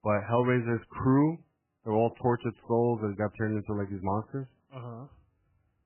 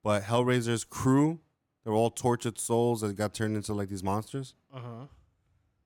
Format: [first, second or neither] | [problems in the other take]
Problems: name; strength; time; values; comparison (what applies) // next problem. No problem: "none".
second | garbled, watery; badly; nothing above 2.5 kHz